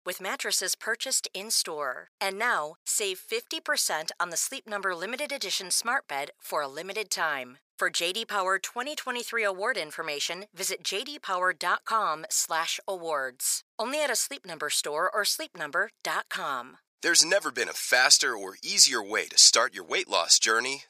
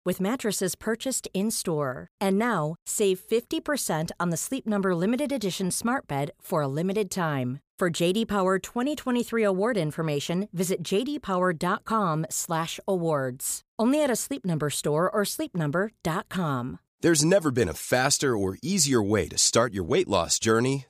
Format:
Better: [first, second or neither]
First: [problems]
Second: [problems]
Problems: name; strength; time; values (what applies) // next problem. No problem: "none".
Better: second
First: thin; very; fading below 700 Hz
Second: none